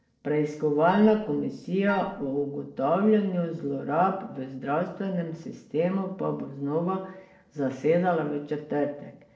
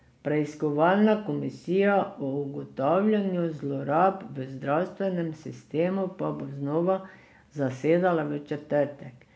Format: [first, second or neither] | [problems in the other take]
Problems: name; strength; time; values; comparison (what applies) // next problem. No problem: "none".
second | noise reduction (neural separator model SepFormer DNS4)